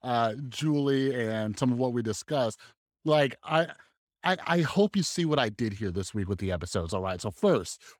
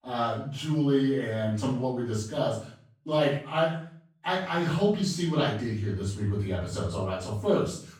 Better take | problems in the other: first | off-mic speech; far // room echo; noticeable; dies away in 0.5 s

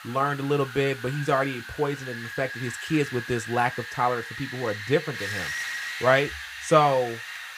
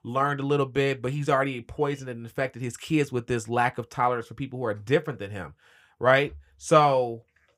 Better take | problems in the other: second | wind noise on the microphone; heavy; 8 dB below the speech

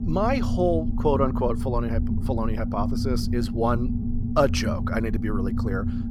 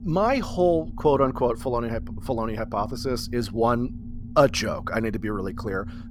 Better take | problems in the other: second | low rumble; loud; throughout; 9 dB below the speech; faint in the second

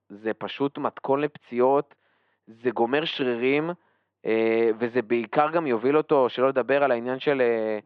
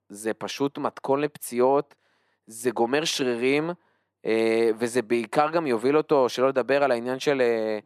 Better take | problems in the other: second | muffled; very; fading above 3.5 kHz

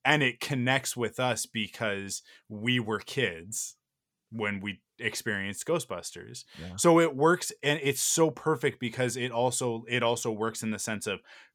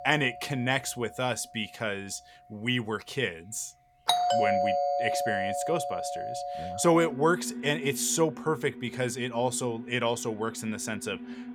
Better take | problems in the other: first | alarms or sirens; loud; throughout; 3 dB below the speech

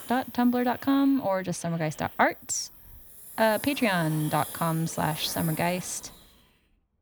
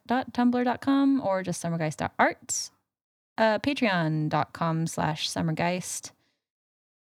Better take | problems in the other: second | hiss; noticeable; throughout; 15 dB below the speech

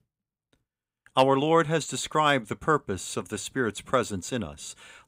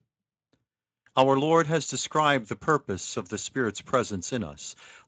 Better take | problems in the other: first | garbled, watery; slightly; nothing above 7.5 kHz

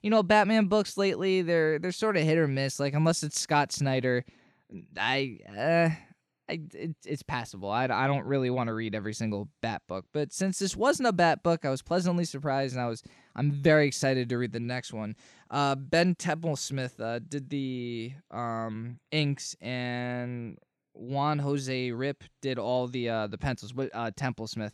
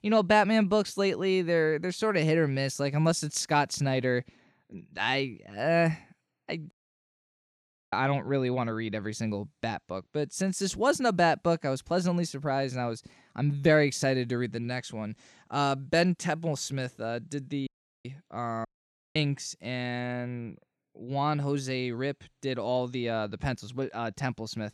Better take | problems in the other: first | audio cutting out; at 6.5 s for 1 s, at 18 s and at 19 s for 0.5 s

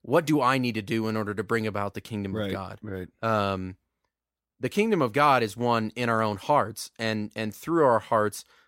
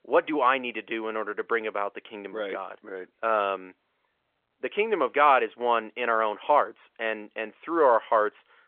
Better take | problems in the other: first | phone-call audio

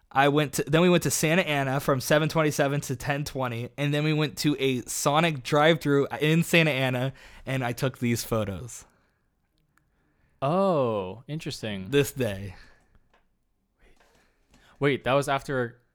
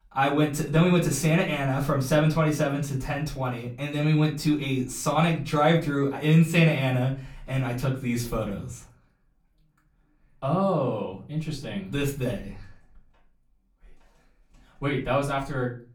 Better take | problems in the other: first | off-mic speech; far // room echo; slight; dies away in 0.3 s

